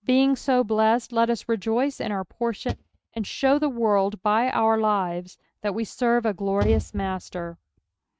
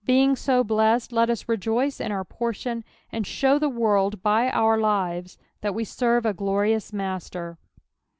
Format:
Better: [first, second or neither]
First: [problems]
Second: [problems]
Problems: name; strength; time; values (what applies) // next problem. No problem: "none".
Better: second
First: noise reduction (neural mask model RNNoise)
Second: none